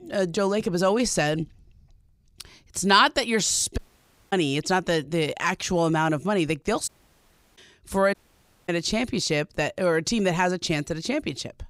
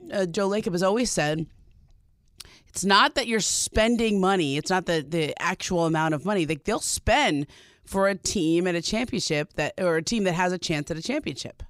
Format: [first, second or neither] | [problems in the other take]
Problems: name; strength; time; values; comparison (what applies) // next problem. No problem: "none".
second | audio cutting out; at 4 s for 0.5 s, at 7 s for 0.5 s and at 8 s for 0.5 s